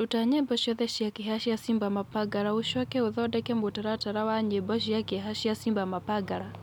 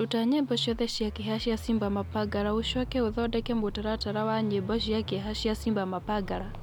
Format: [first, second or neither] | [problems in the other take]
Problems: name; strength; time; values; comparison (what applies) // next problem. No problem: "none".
first | background sound (Musical instrument); 11 dB below the speech